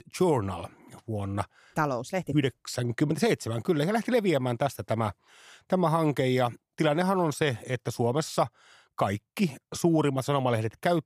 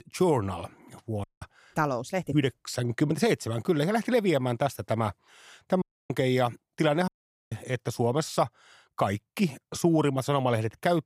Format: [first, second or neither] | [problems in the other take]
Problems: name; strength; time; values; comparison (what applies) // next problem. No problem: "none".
first | audio cutting out; at 1 s, at 6 s and at 7 s